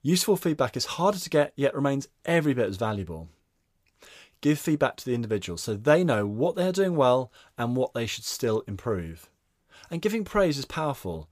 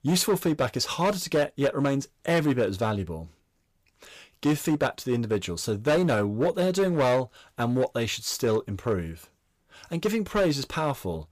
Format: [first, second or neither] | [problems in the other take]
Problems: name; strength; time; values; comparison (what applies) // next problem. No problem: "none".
first | distortion; slight; 7% of the sound clipped